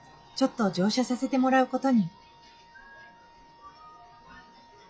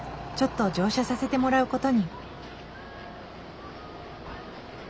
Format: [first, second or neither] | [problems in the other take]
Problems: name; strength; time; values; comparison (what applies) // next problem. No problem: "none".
second | noise reduction (classical method log-MMSE)